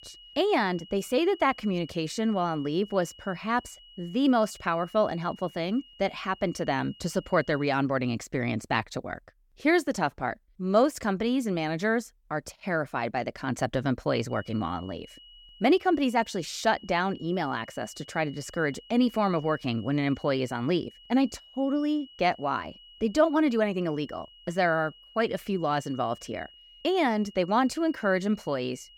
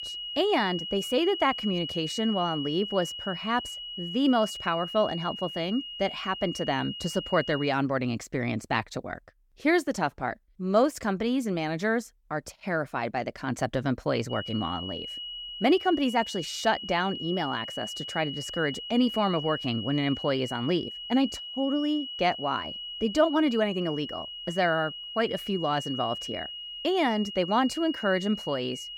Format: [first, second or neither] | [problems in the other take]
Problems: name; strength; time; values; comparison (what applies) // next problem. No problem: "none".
first | high-pitched whine; loud; until 7.5 s and from 14 s on; 3 kHz, 7 dB below the speech; faint in the first